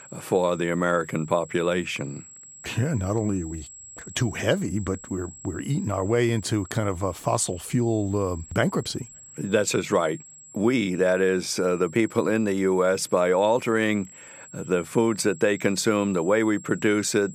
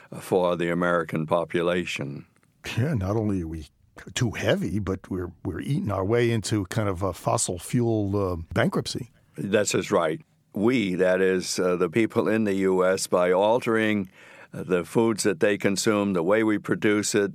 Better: second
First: high-pitched whine; noticeable; throughout; 7.5 kHz, 20 dB below the speech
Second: none

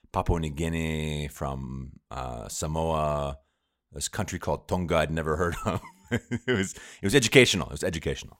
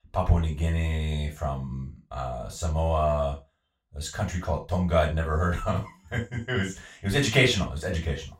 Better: first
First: none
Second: room echo; slight; dies away in 0.2 s // off-mic speech; far

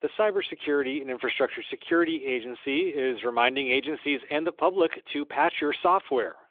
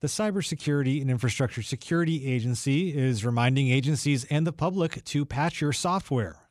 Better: second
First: phone-call audio; nothing above 3.5 kHz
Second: none

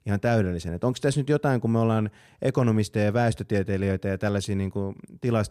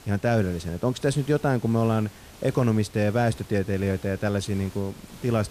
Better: first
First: none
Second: hiss; faint; throughout; 20 dB below the speech

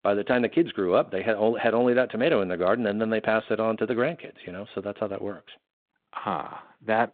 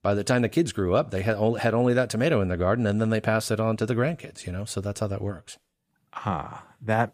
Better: second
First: phone-call audio; nothing above 4 kHz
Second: none

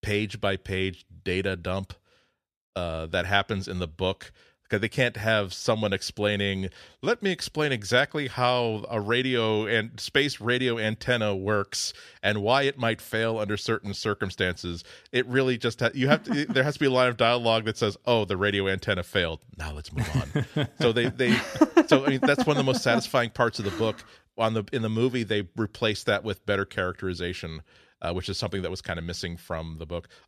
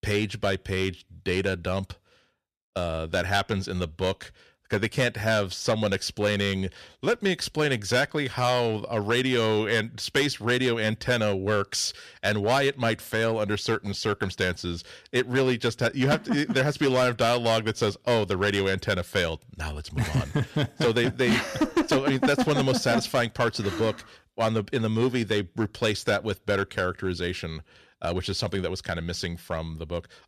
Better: first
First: none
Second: distortion; slight; 5% of the sound clipped

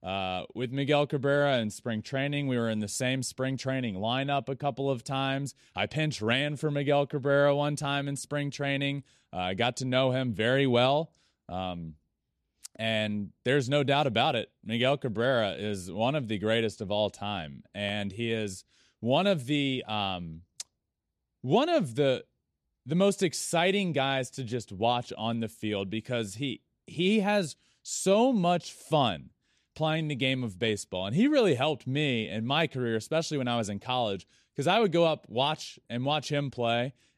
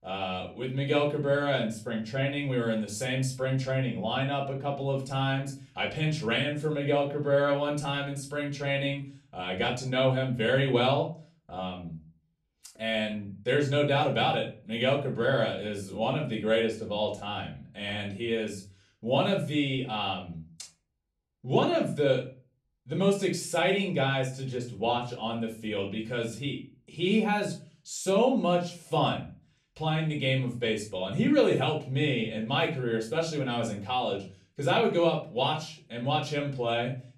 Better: first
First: none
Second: off-mic speech; far // room echo; slight; dies away in 0.3 s

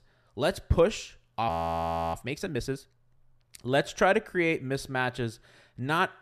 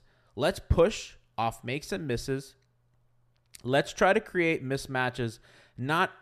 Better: second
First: audio freezing; at 1.5 s for 0.5 s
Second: none

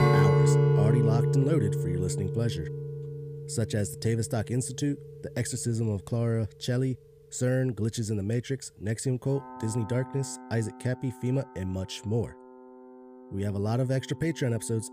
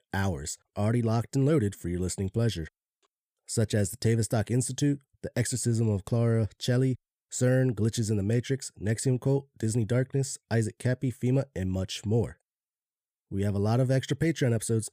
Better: second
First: background music; very loud; throughout; 3 dB above the speech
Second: none

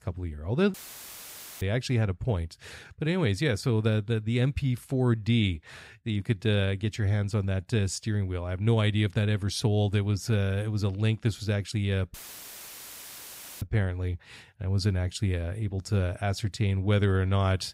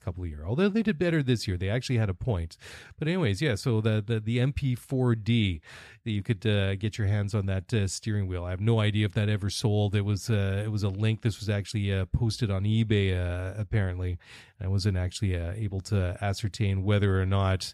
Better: second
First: audio cutting out; filled with static; at 0.5 s for 1 s and at 12 s for 1.5 s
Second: none

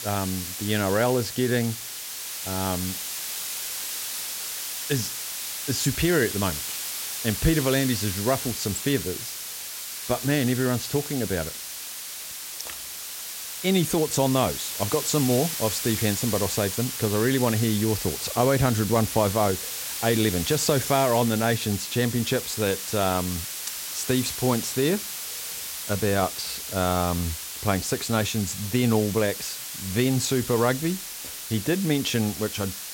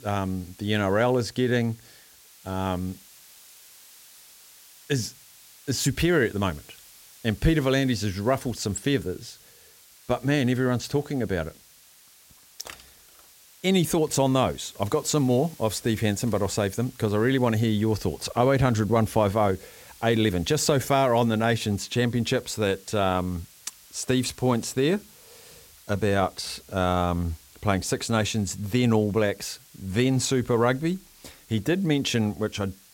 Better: second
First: hiss; loud; throughout; 5 dB below the speech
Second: hiss; faint; throughout; 25 dB below the speech

